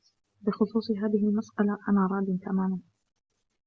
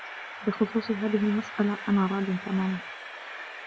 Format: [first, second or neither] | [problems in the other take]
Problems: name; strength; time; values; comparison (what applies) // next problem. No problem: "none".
first | background sound (Train); 11 dB below the speech